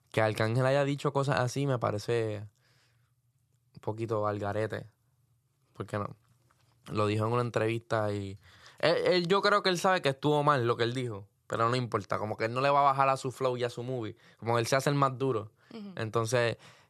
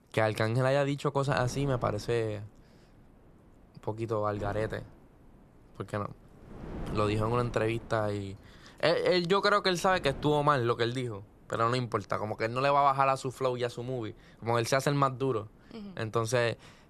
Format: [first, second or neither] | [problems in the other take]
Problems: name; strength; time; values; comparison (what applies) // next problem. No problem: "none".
first | wind noise on the microphone; occasional gusts; 25 dB below the speech